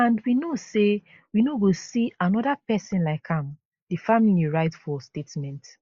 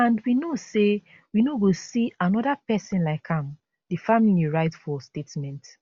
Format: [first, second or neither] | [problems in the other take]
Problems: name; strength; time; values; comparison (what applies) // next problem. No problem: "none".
second | noise reduction (neural mask model Resemble Enhance denoiser)